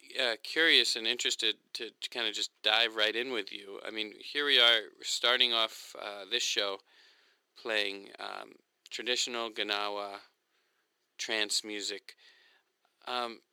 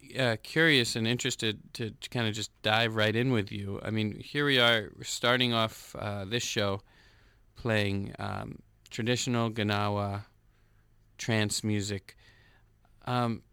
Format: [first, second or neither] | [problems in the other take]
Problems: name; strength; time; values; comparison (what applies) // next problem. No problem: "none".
second | thin; very; fading below 350 Hz